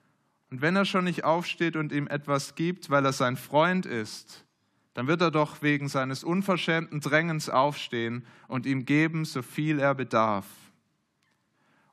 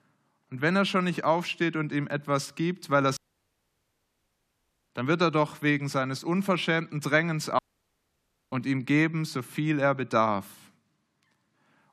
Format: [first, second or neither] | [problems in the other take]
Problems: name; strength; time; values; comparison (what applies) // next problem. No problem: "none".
first | audio cutting out; at 3 s for 1.5 s and at 7.5 s for 1 s